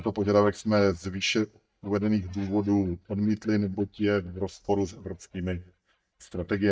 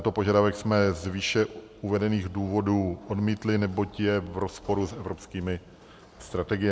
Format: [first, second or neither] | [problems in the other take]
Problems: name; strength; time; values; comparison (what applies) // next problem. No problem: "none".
second | noise reduction (neural mask model DeepFilterNet 3)